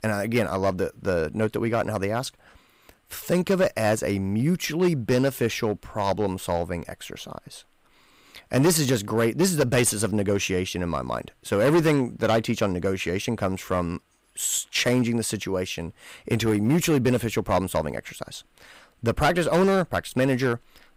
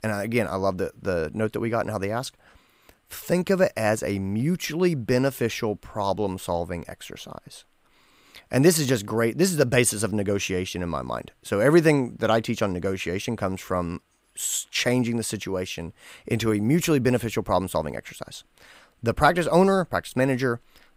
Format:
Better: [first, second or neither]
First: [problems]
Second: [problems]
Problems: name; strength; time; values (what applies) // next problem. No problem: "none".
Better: second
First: distortion; slight; 4% of the sound clipped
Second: none